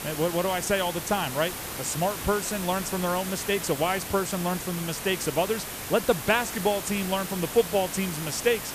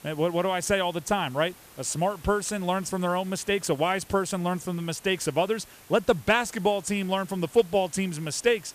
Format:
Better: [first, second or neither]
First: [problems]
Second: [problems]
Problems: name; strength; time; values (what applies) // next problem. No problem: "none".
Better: second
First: hiss; loud; throughout; 6 dB below the speech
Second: hiss; faint; throughout; 25 dB below the speech